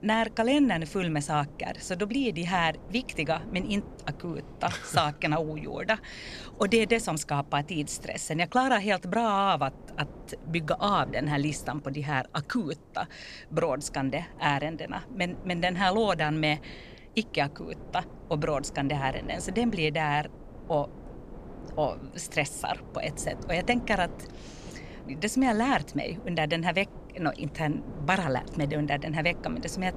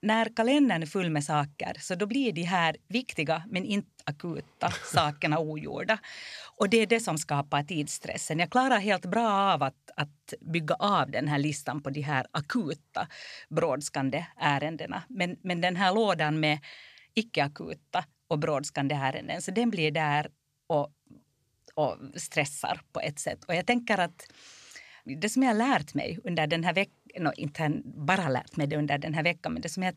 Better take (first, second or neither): second